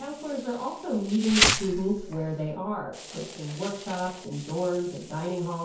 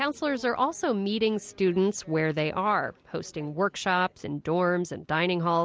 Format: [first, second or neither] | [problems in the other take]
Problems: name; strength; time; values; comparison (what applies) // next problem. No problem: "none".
second | background sound (Insect); 3 dB below the speech // room echo; dies away in 0.6 s